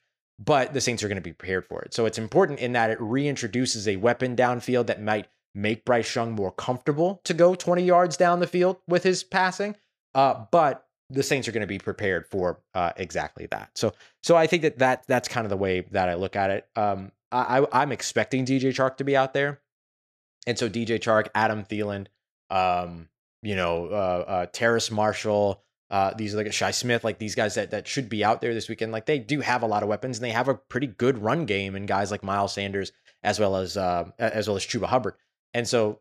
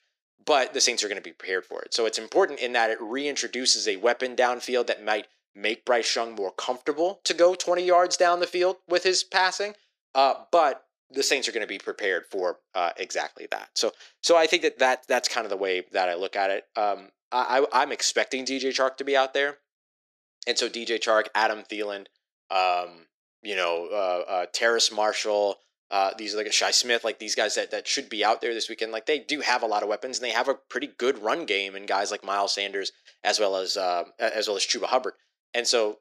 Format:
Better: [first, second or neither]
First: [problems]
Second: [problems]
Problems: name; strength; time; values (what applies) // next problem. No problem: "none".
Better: first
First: none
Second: thin; somewhat; fading below 300 Hz